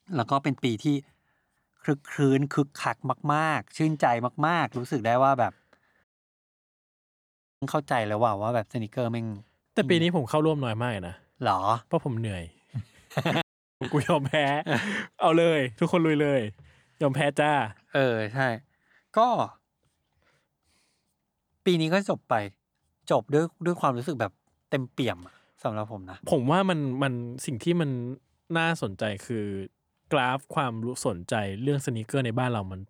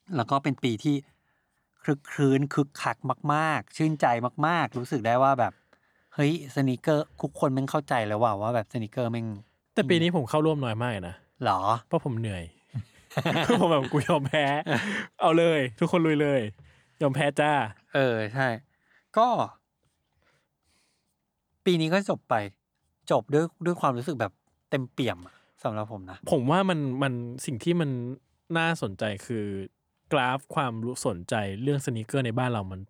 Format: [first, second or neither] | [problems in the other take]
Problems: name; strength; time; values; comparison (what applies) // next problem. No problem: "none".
second | audio cutting out; at 6 s for 1.5 s and at 13 s